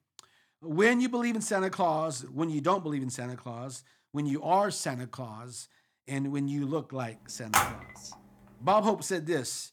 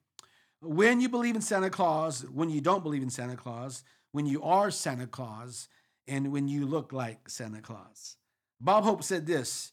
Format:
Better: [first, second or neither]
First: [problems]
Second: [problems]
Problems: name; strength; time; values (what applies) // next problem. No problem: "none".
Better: second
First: phone ringing; loud; at 7.5 s; peak 3 dB above the speech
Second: none